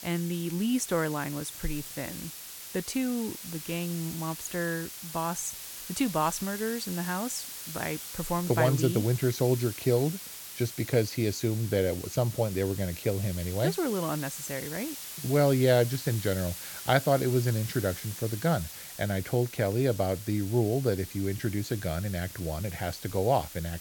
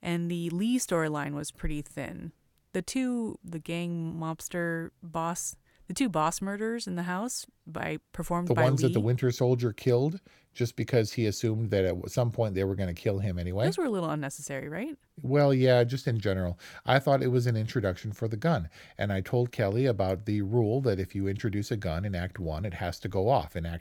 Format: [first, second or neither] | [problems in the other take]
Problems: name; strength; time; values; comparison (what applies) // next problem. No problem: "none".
second | hiss; loud; throughout; 10 dB below the speech